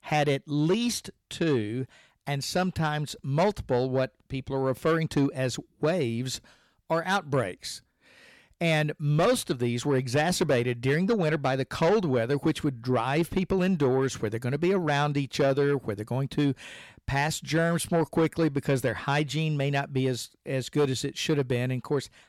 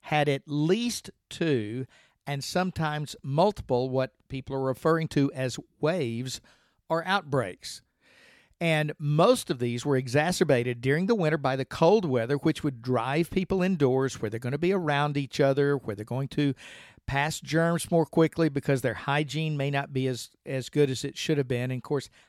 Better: second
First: distortion; slight; 10 dB below the speech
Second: none

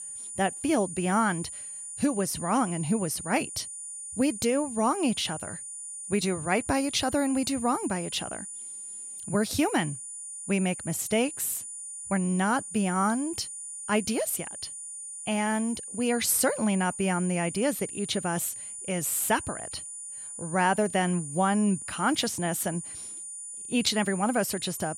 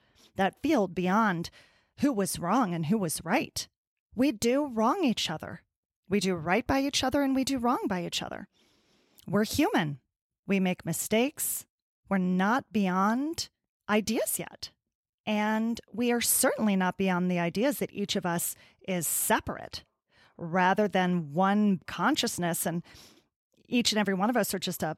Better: second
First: high-pitched whine; loud; throughout; 9.5 kHz, 9 dB below the speech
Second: none

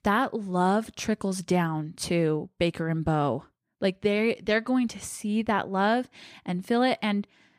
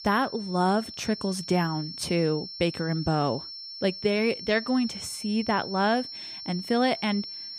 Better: first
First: none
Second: high-pitched whine; loud; throughout; 5.5 kHz, 10 dB below the speech

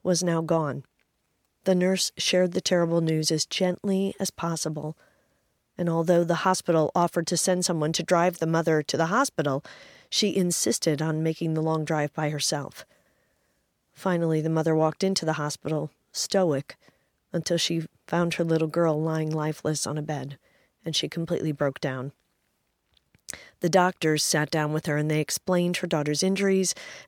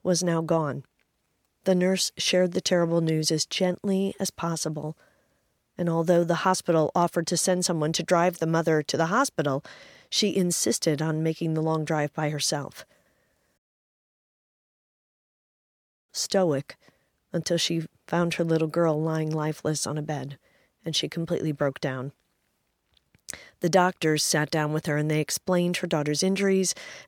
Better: first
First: none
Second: audio cutting out; at 14 s for 2.5 s

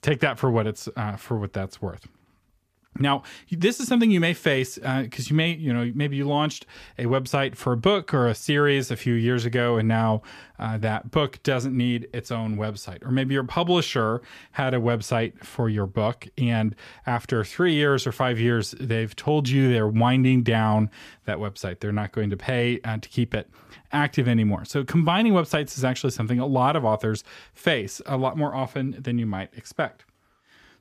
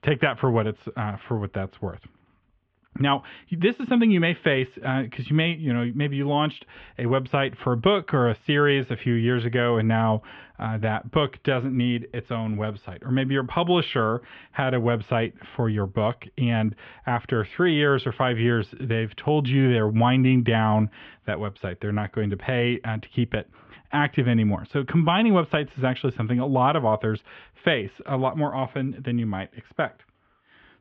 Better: first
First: none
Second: muffled; very; fading above 3 kHz

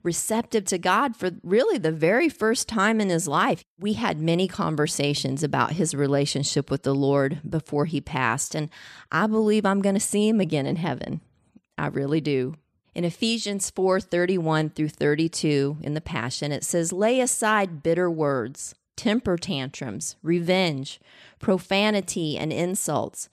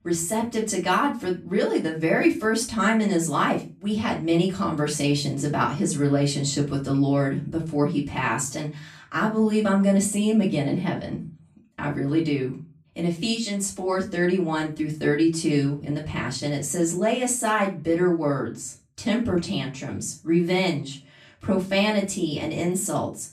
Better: first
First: none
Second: off-mic speech; far // room echo; slight; dies away in 0.3 s

